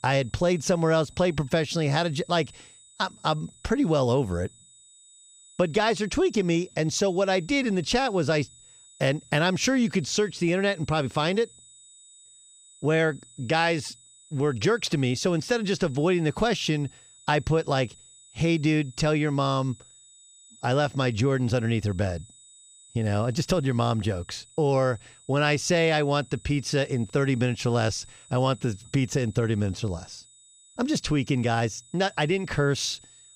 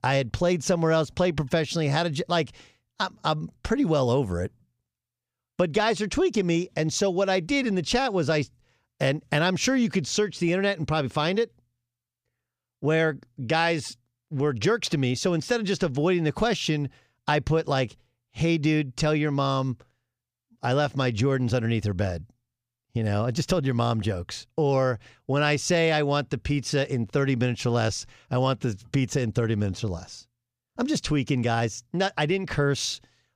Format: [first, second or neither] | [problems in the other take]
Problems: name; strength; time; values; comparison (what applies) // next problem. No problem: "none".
second | high-pitched whine; faint; throughout; 8 kHz, 25 dB below the speech